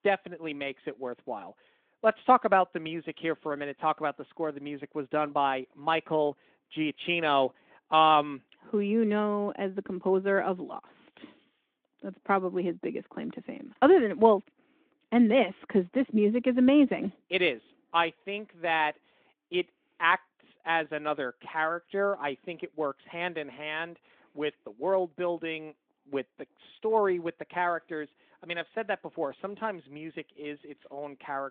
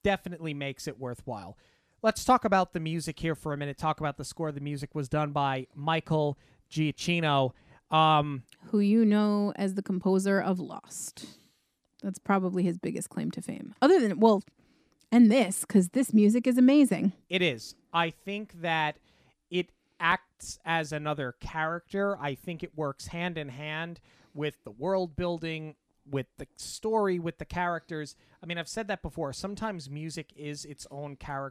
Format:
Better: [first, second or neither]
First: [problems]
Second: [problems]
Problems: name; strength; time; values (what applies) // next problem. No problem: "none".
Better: second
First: phone-call audio; nothing above 3.5 kHz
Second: none